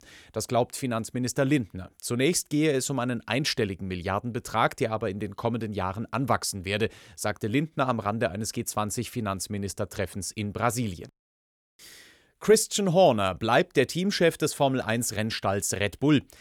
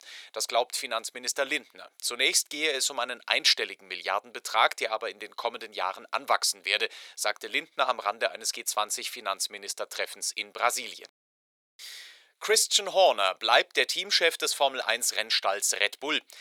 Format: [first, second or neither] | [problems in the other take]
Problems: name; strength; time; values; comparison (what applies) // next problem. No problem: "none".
first | thin; very; fading below 600 Hz